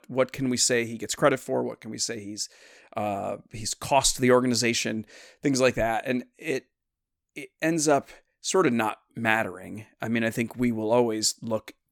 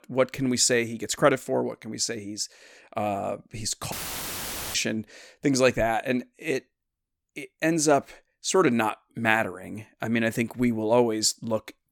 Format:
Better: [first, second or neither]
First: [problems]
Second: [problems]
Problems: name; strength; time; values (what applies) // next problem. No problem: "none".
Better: first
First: none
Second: audio cutting out; filled with static; at 4 s for 1 s